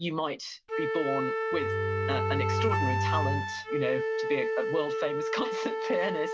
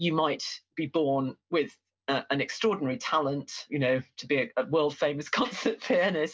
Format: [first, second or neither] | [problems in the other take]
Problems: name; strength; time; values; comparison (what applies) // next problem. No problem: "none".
second | background sound (Bowed string instrument + Wind instrument, woodwind instrument); 3 dB above the speech